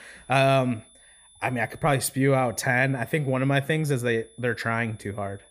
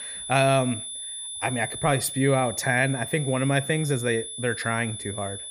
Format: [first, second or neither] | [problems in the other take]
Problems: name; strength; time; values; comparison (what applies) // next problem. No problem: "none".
first | high-pitched whine; loud; throughout; 10 kHz, 8 dB below the speech; faint in the first